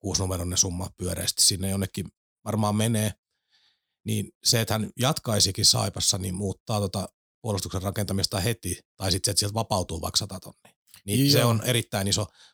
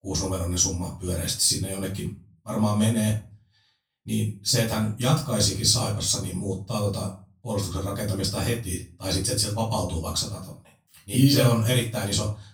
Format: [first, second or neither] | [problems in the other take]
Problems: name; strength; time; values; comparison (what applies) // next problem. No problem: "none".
first | room echo; slight; dies away in 0.3 s // off-mic speech; far